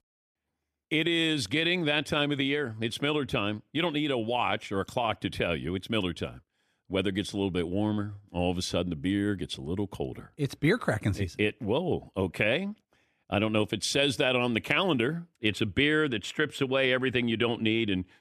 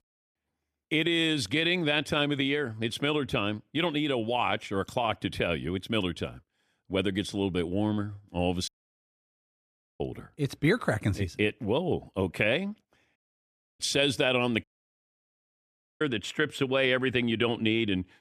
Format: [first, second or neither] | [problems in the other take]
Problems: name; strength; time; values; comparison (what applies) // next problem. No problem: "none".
first | audio cutting out; at 8.5 s for 1.5 s, at 13 s for 0.5 s and at 15 s for 1.5 s